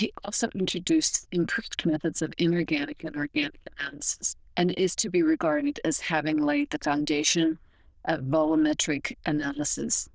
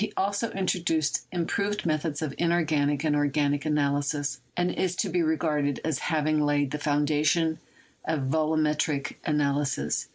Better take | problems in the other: second | noise reduction (neural diffusion model UNIVERSE++)

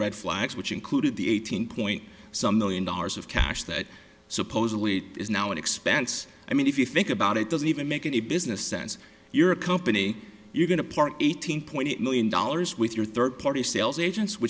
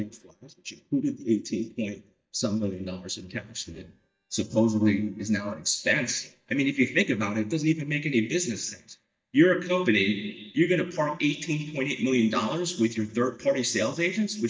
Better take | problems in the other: first | noise reduction (neural mask model DeepFilterNet 3)

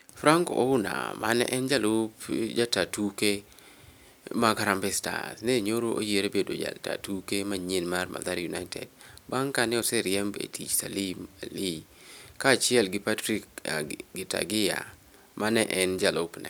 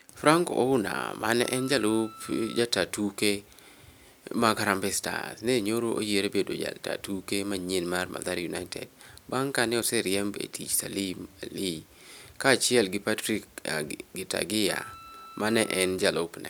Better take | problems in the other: first | background sound (Wind instrument, woodwind instrument); 19 dB below the speech

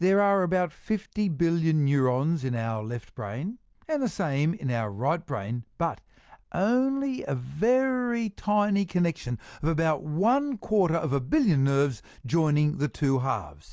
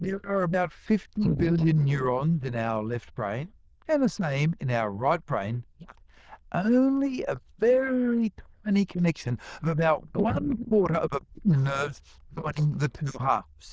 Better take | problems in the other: first | noise reduction (neural diffusion model UNIVERSE++)

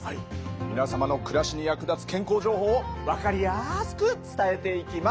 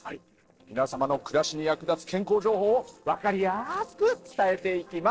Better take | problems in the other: first | noise reduction (neural separator model SepFormer DNS4)

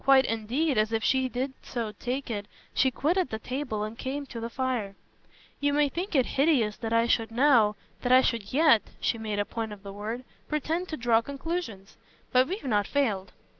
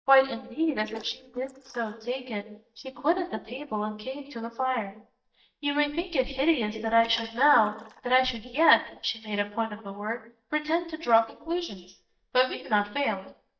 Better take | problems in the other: first | noise reduction (neural mask model DeepFilterNet 3)

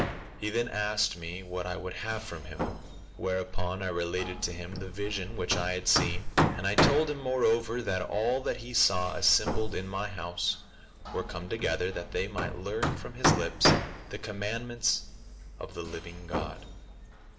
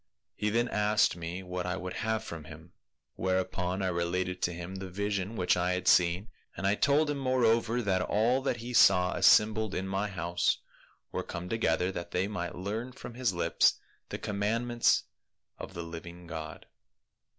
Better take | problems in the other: second | background sound (Hammer); 3 dB below the speech // room echo; dies away in 1.3 s

